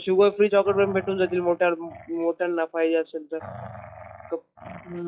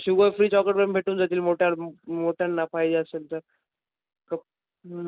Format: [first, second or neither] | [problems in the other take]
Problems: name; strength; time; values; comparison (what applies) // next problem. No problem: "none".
second | noise reduction (classical method log-MMSE)